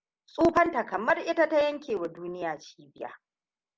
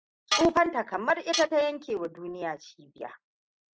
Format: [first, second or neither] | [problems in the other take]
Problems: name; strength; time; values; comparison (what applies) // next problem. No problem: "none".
first | noise reduction (neural mask model RNNoise)